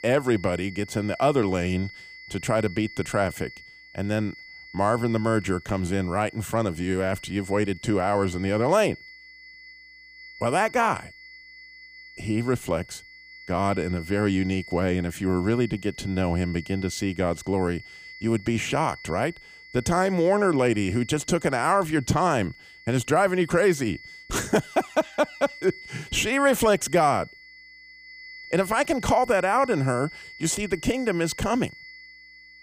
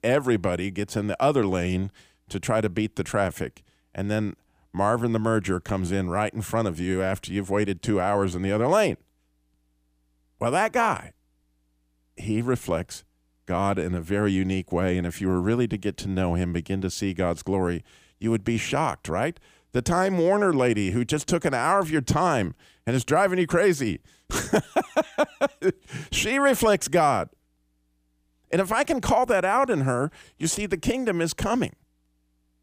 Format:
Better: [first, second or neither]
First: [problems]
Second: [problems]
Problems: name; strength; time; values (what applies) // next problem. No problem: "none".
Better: second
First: high-pitched whine; noticeable; throughout; 2 kHz, 20 dB below the speech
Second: none